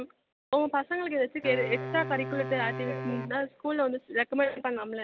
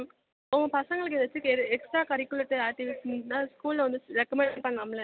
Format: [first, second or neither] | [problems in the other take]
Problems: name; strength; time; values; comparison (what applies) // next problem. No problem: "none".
second | background sound (Wind instrument, woodwind instrument); 8 dB below the speech